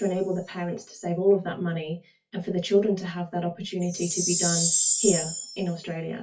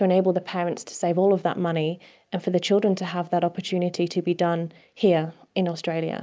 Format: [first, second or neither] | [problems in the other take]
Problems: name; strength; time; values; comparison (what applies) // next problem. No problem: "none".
second | noise reduction (classical method WPE with log-MMSE)